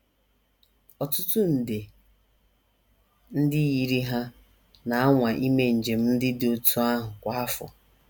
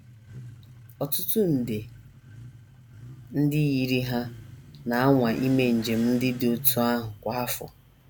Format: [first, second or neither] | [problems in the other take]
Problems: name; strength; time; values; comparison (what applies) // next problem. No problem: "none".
first | background sound (Motorcycle / Accelerating, revving, vroom); 17 dB below the speech